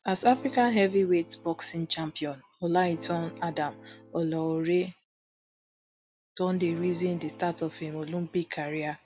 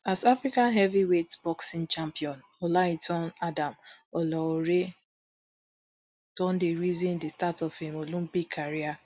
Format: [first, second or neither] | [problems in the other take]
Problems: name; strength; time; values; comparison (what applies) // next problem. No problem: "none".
second | background sound (Acoustic guitar / Strum); 17 dB below the speech